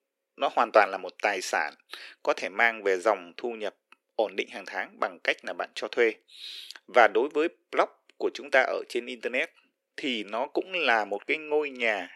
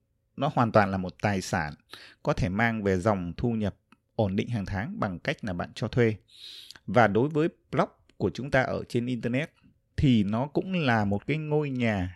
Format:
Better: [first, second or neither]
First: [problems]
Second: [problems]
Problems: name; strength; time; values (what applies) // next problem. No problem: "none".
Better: second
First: thin; very; fading below 350 Hz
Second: none